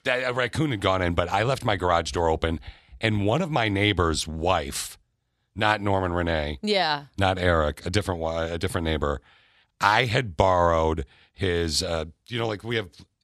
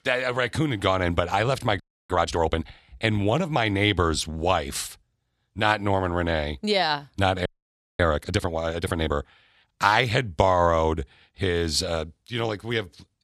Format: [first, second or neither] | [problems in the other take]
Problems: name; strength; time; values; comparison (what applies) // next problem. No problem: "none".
first | audio freezing; at 2 s and at 7.5 s for 0.5 s